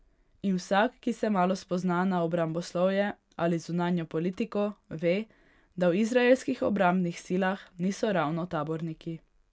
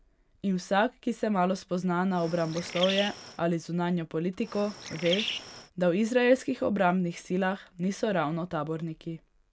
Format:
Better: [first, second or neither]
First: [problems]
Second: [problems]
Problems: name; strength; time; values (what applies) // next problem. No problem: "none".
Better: first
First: none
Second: background sound (Bird); 8 dB below the speech